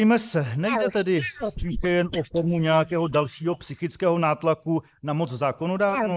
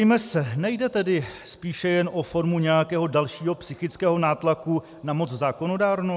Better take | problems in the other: second | noise reduction (neural mask model Resemble Enhance denoiser)

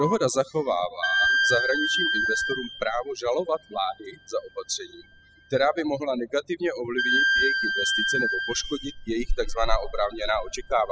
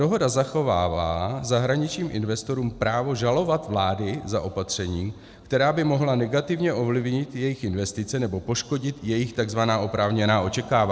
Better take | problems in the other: second | noise reduction (classical method spectral subtraction)

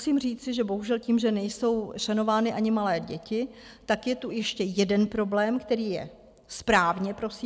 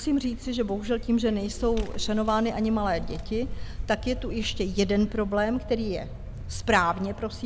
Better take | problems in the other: first | background sound (Vehicle); 7 dB below the speech

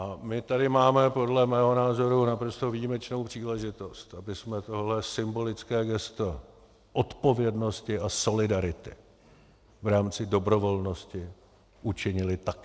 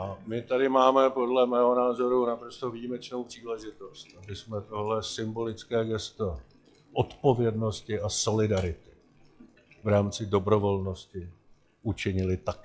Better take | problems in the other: first | noise reduction (classical method log-MMSE)

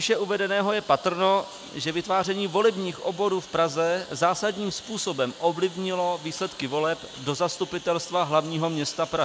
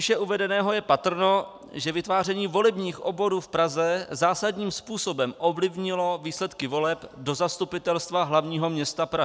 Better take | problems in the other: second | background sound (Engine); 18 dB below the speech

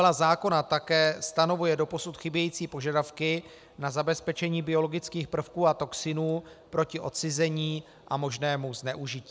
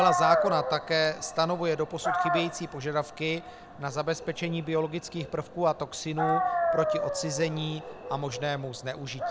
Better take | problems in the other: first | background sound (Dog); 2 dB below the speech

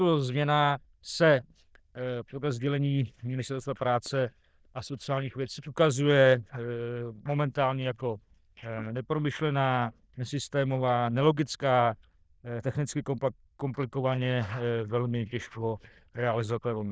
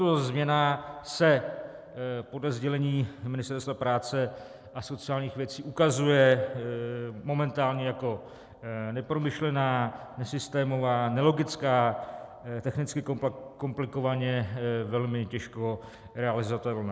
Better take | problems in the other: second | noise reduction (neural diffusion model UNIVERSE++)

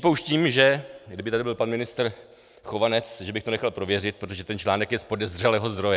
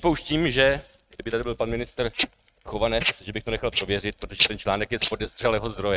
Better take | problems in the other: first | noise reduction (neural mask model RNNoise)

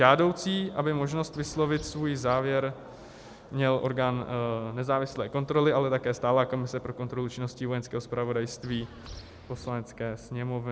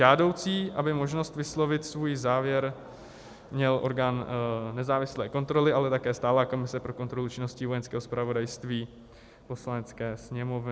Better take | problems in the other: second | background sound (Bird); 17 dB below the speech

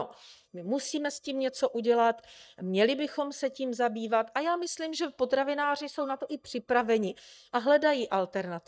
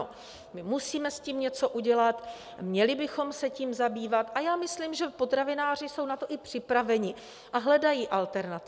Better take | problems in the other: second | noise reduction (neural mask model DeepFilterNet 3)

